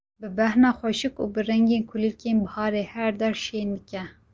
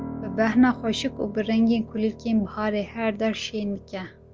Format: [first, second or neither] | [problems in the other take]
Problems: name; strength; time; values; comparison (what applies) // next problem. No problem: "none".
first | background sound (Piano); 15 dB below the speech